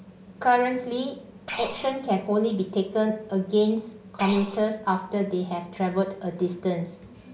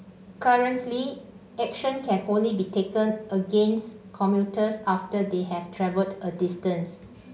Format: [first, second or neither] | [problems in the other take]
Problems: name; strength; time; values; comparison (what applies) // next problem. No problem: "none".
second | background sound (Breathing); 9 dB below the speech